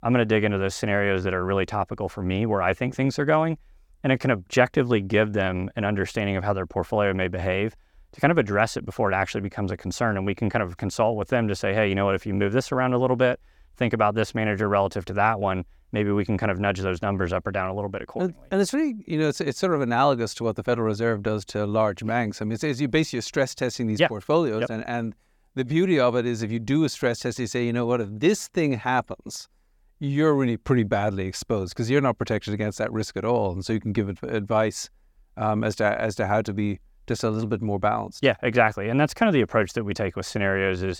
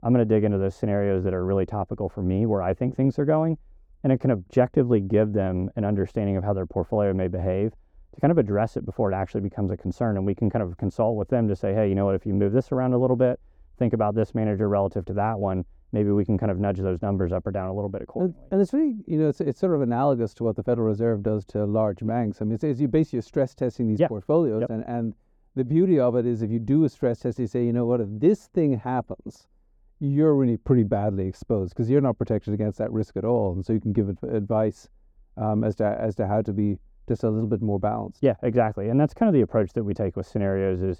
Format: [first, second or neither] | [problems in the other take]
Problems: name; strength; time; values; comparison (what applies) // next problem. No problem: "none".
first | muffled; very; fading above 1 kHz